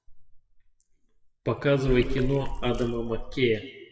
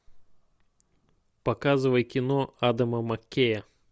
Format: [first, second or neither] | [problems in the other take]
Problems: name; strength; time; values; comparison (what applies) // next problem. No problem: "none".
second | noise reduction (classical method WPE with log-MMSE)